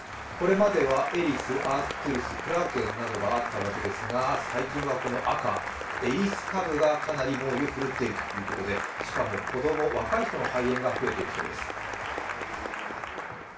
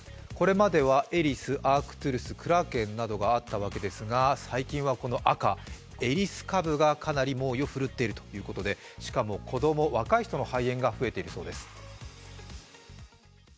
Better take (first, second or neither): second